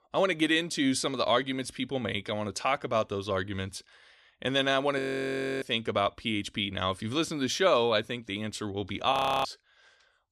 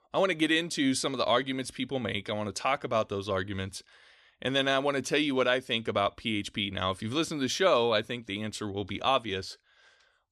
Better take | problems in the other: second | audio freezing; at 5 s for 0.5 s and at 9 s

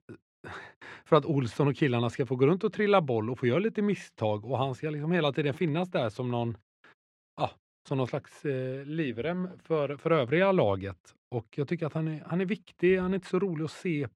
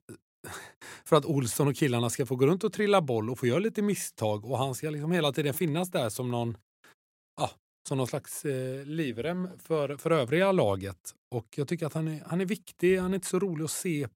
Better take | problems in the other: second | muffled; slightly; fading above 2.5 kHz

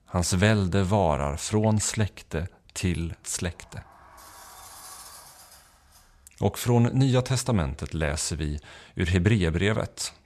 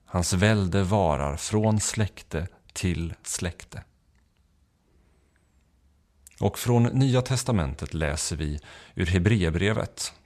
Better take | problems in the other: second | door banging; faint; from 3 to 6 s; peak 15 dB below the speech

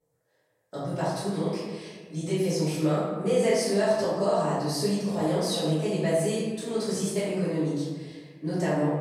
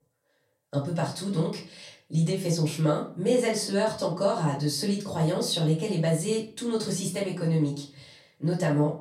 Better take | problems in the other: second | room echo; strong; dies away in 1.2 s; slight in the second // off-mic speech; far; far in the second

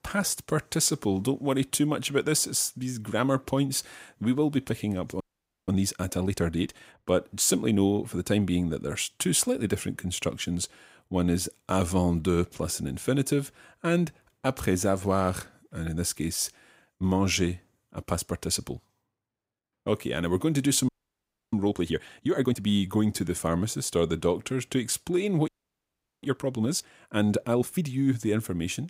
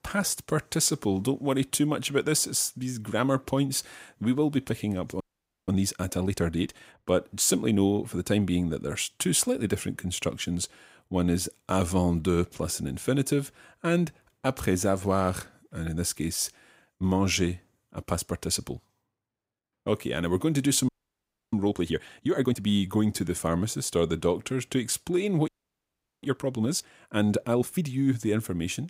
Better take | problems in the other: neither | audio freezing; at 5 s, at 21 s for 0.5 s and at 25 s for 1 s; the same in both

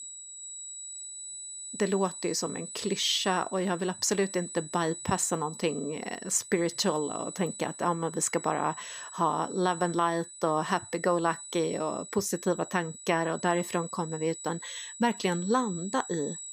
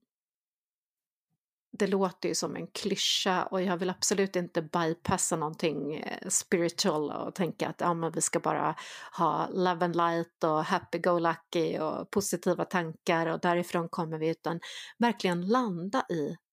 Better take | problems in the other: second | high-pitched whine; noticeable; throughout; 8 kHz, 10 dB below the speech

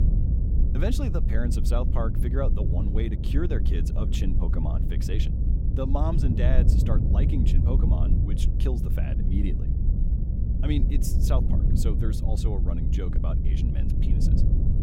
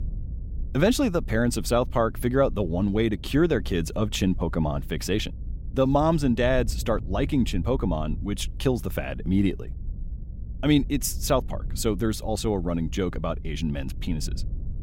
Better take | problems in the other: second | low rumble; loud; throughout; 3 dB below the speech; faint in the second

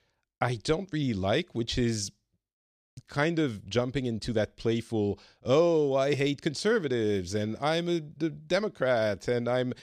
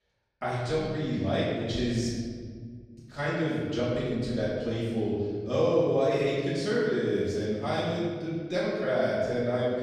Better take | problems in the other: first | room echo; strong; dies away in 1.7 s // off-mic speech; far

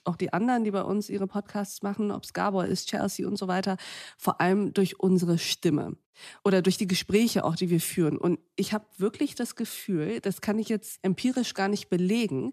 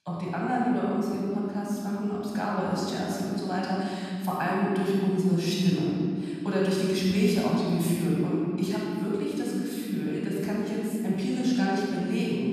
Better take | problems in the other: first | room echo; strong; dies away in 2.4 s // off-mic speech; far

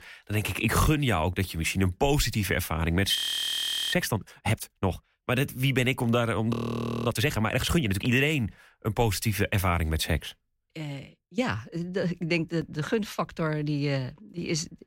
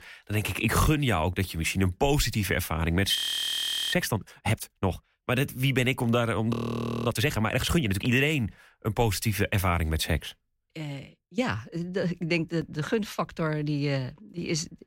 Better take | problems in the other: neither | audio freezing; at 3 s for 1 s and at 6.5 s for 0.5 s; the same in both

